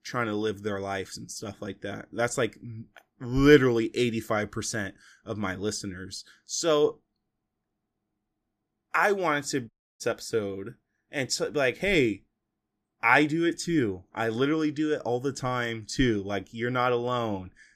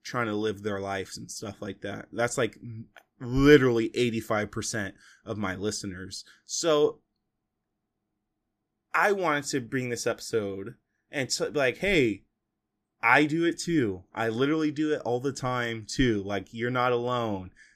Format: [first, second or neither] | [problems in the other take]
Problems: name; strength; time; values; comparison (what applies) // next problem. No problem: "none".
second | audio cutting out; at 9.5 s